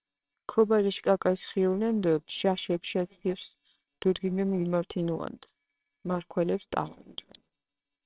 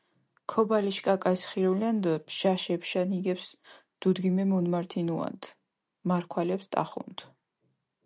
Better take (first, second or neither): second